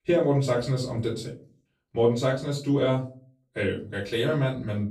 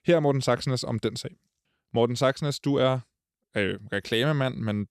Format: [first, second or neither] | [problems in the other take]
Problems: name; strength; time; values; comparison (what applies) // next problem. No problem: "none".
second | off-mic speech; far // room echo; slight; dies away in 0.3 s